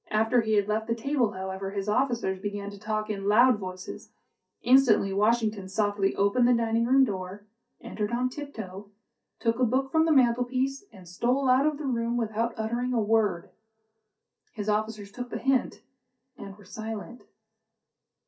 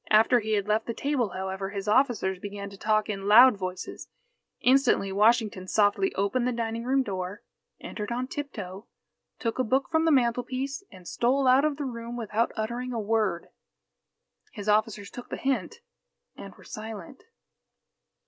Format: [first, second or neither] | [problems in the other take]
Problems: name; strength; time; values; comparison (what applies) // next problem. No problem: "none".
second | room echo; dies away in 0.3 s